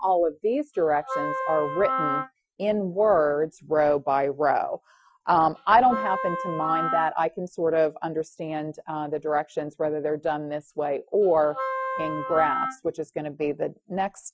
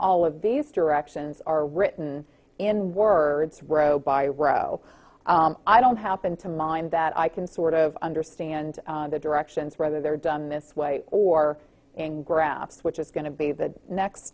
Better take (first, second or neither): second